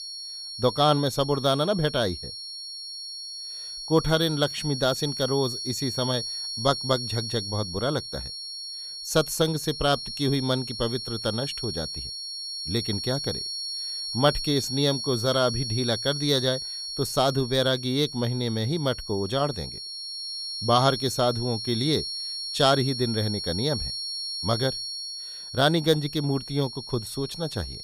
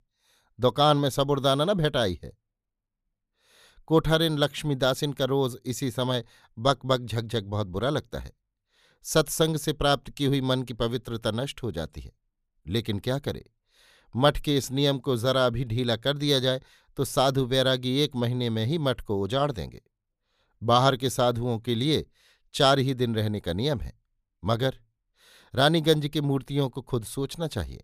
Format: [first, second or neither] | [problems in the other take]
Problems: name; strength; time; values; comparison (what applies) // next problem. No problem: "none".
second | high-pitched whine; loud; throughout; 4.5 kHz, 6 dB below the speech